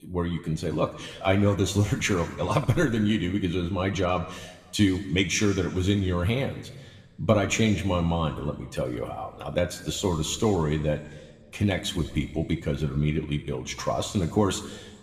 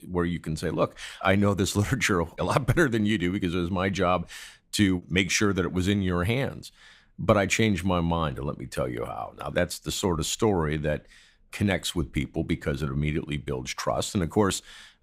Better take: second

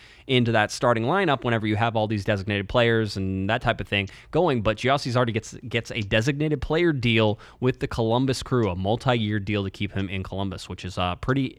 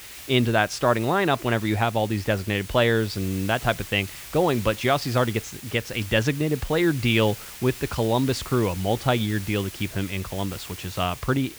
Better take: first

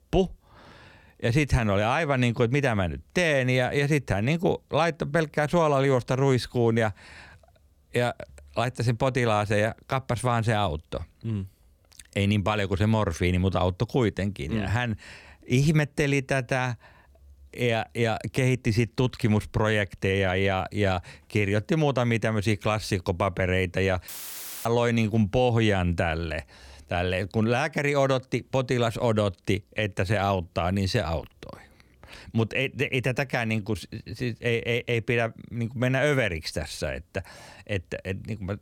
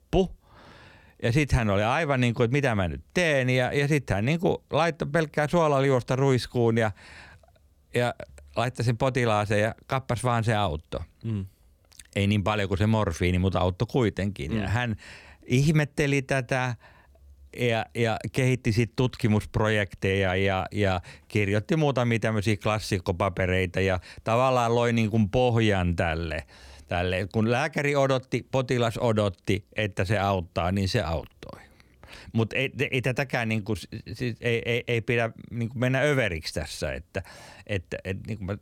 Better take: second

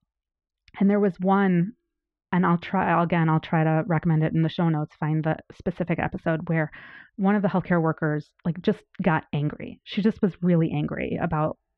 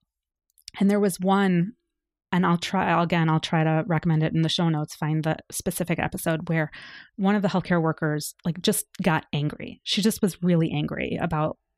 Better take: second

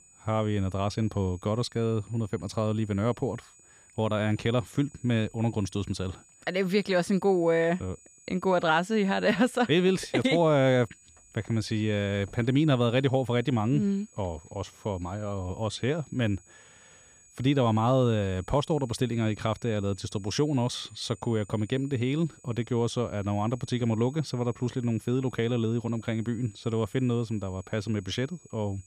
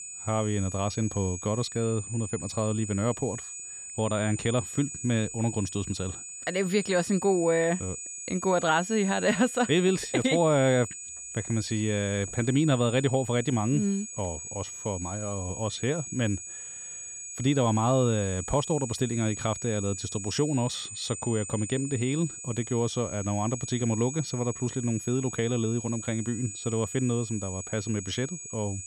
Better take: first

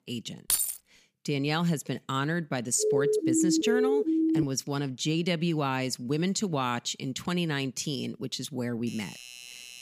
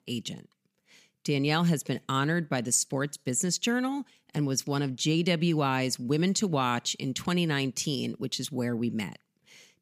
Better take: second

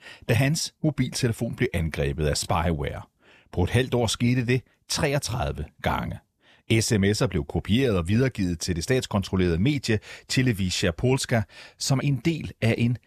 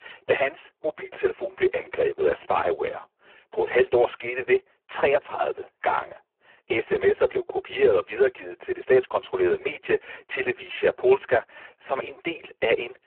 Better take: first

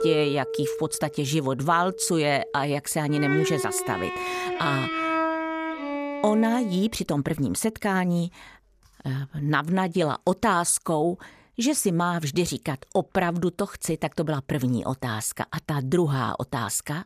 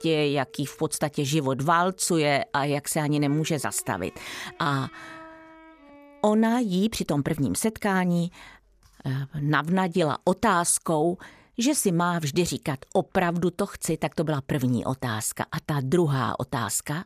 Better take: second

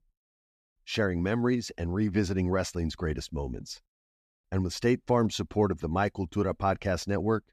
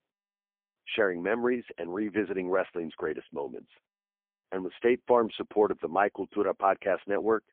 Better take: first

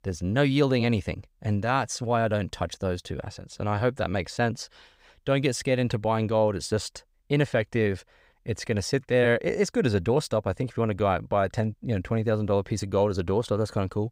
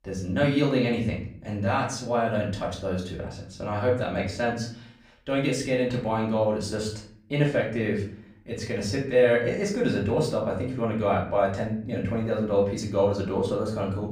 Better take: first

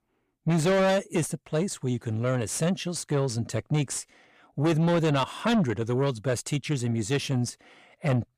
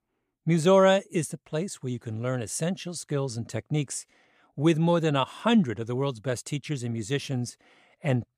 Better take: second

